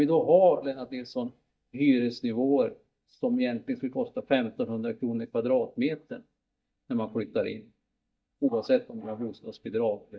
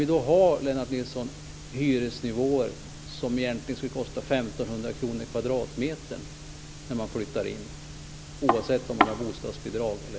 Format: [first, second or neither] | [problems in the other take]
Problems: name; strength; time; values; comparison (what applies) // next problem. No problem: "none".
second | noise reduction (neural mask model DeepFilterNet 3)